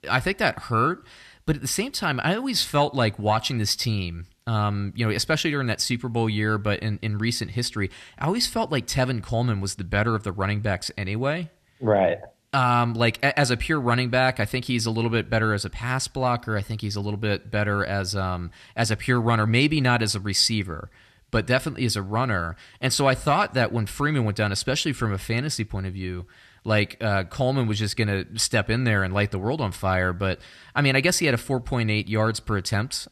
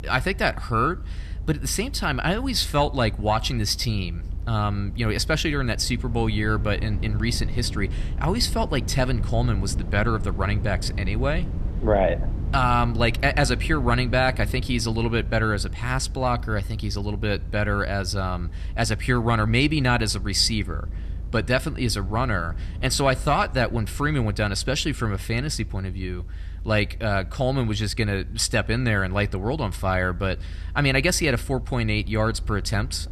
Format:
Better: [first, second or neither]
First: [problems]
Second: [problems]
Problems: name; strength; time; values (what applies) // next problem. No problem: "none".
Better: first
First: none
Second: low rumble; faint; throughout; 20 dB below the speech